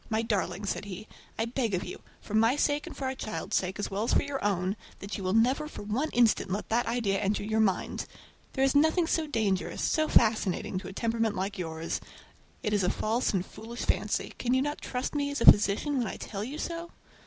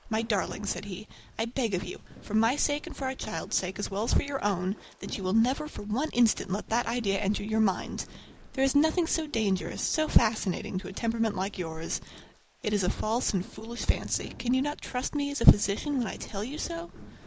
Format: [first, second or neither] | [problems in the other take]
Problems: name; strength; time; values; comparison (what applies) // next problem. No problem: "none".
first | noise reduction (neural mask model Resemble Enhance denoiser)